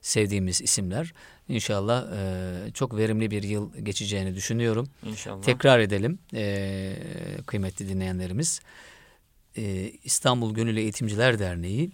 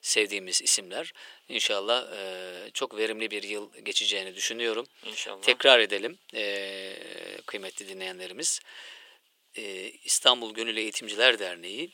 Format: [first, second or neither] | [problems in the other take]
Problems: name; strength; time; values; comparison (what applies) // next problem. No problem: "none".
first | thin; very; fading below 350 Hz